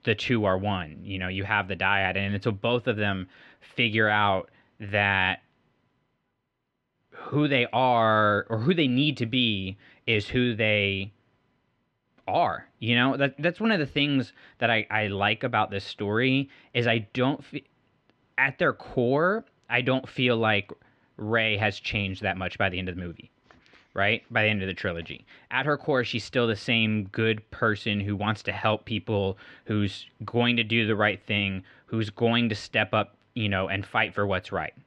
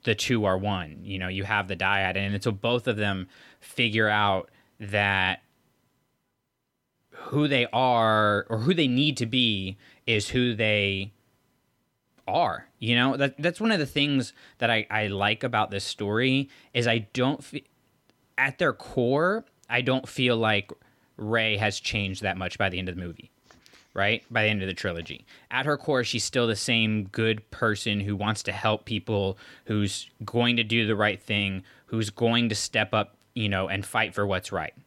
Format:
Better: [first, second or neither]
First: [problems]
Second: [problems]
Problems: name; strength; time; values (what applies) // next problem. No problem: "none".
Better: second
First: muffled; slightly; fading above 2.5 kHz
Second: none